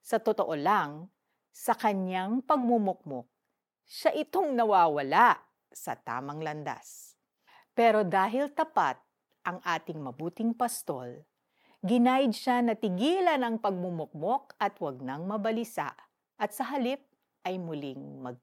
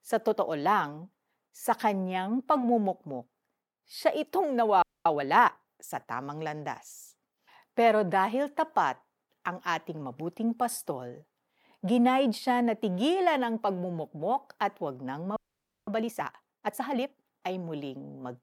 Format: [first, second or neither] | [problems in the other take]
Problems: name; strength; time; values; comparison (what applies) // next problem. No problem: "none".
first | audio freezing; at 5 s and at 15 s for 0.5 s